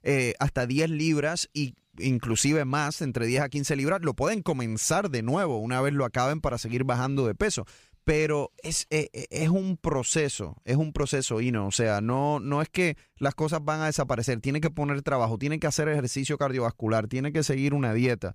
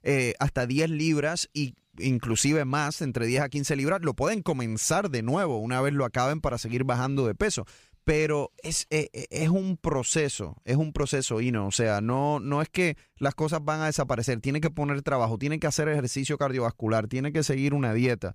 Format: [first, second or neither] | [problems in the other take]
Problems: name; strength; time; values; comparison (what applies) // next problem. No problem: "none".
neither | none